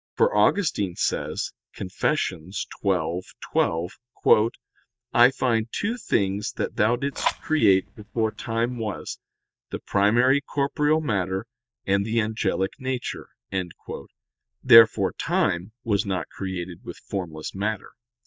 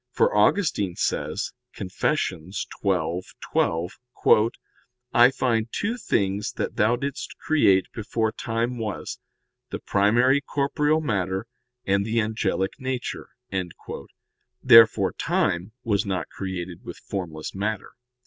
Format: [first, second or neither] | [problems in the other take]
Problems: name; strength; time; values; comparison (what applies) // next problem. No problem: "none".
second | noise reduction (neural mask model DeepFilterNet 3)